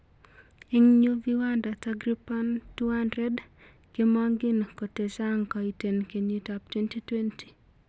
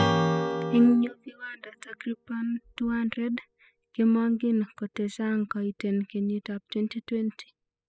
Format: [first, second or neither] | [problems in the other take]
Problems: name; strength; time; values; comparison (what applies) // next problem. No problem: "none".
first | noise reduction (classical method spectral subtraction)